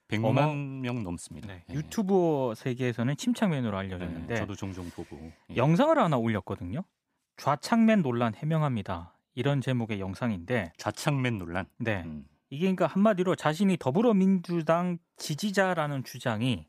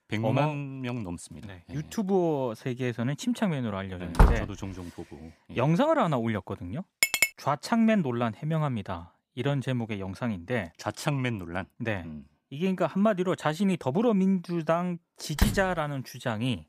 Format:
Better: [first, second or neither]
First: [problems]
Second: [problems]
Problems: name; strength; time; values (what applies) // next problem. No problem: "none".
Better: first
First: none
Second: door banging; loud; at 4 s; peak 5 dB above the speech // clattering dishes; loud; at 7 s; peak 6 dB above the speech // door banging; noticeable; at 15 s; peak level with the speech